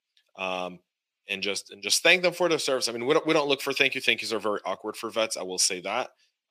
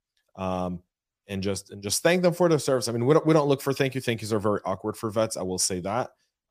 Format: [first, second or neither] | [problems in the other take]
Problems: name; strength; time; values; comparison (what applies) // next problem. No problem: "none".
second | thin; somewhat; fading below 300 Hz